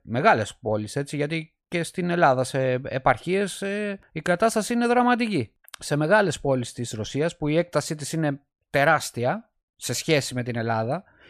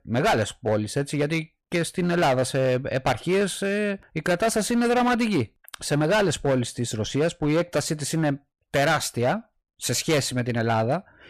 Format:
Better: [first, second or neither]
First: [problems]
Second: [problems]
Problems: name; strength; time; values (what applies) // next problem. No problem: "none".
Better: first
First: none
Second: distortion; heavy; 10% of the sound clipped